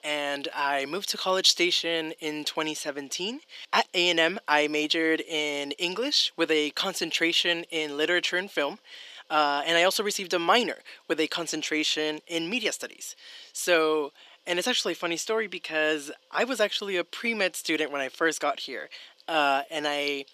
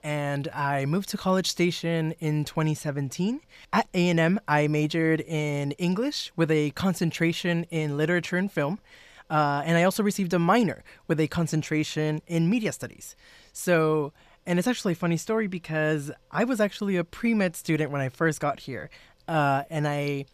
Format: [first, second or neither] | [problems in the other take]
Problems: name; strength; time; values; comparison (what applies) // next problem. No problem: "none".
second | thin; somewhat; fading below 300 Hz